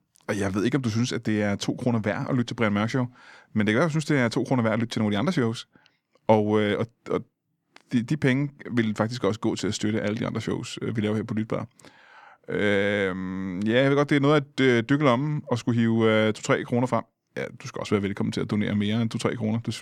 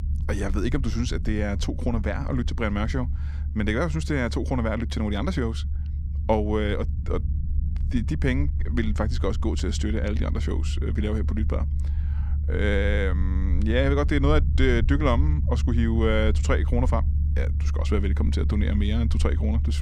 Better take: first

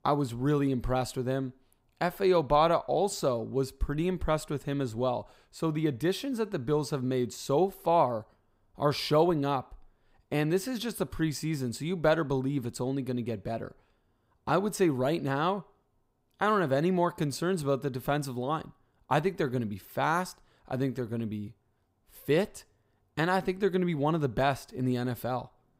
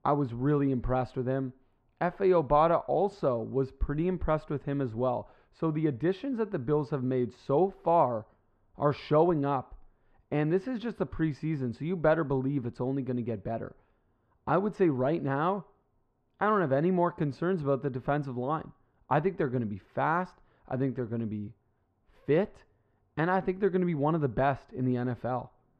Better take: first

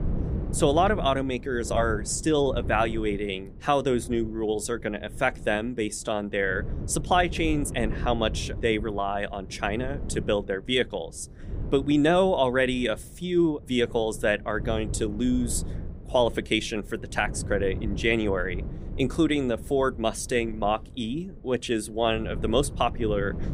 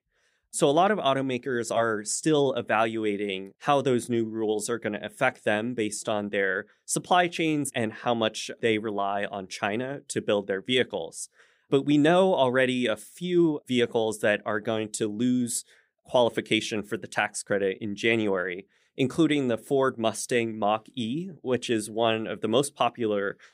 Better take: second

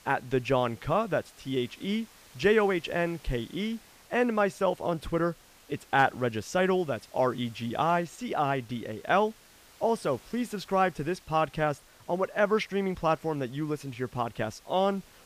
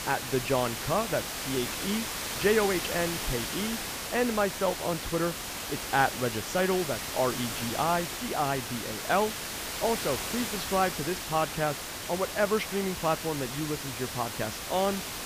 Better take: first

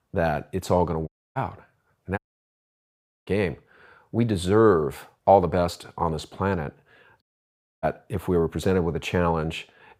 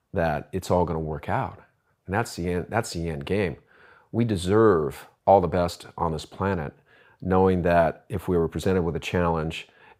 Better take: second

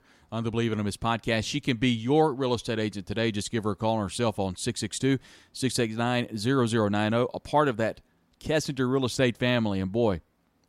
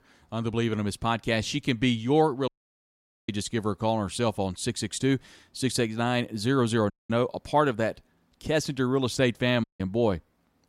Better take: first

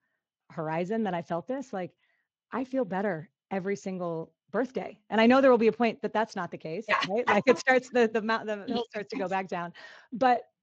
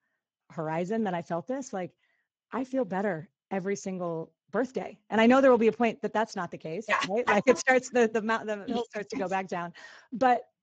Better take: first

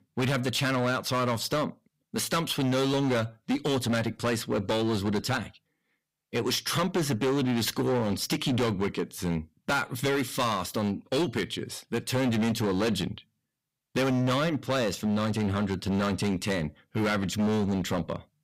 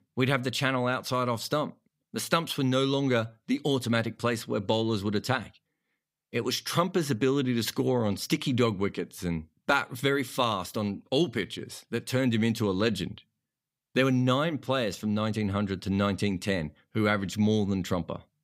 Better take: second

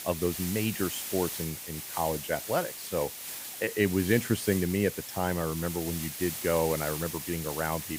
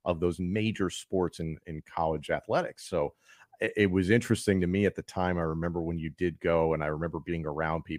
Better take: second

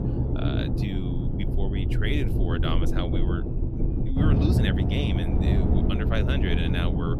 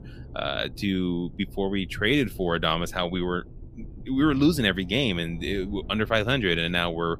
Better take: second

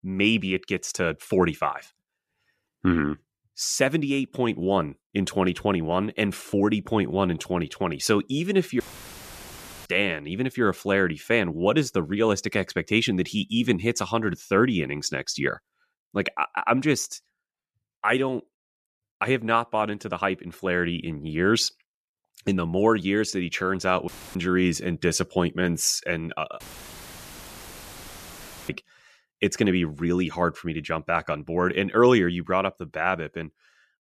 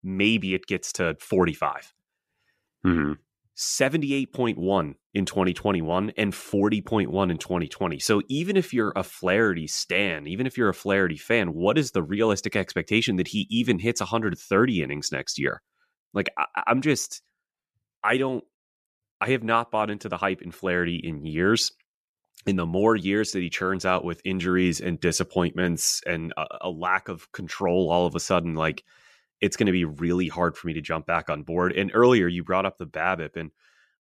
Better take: second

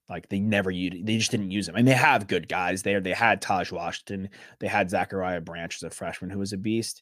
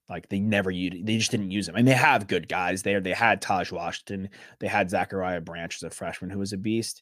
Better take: neither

